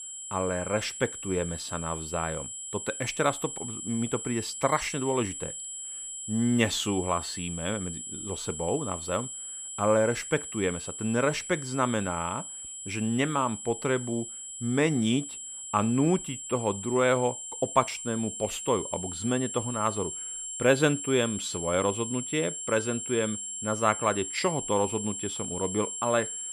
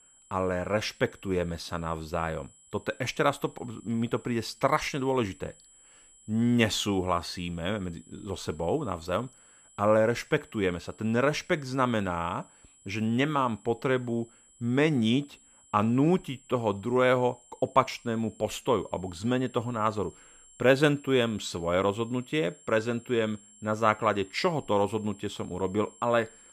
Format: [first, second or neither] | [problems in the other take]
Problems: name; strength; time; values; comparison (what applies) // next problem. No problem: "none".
second | high-pitched whine; loud; throughout; 7.5 kHz, 6 dB below the speech; faint in the second